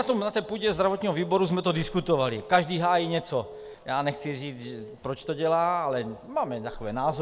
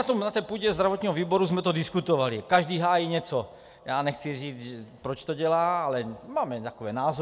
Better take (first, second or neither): second